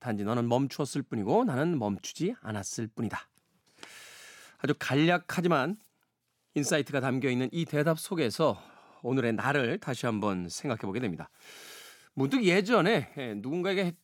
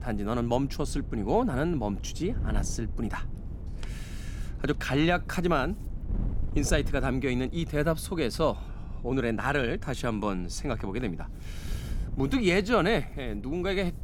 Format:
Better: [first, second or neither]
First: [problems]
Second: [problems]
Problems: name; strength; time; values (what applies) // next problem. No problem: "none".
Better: first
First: none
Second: wind noise on the microphone; occasional gusts; 20 dB below the speech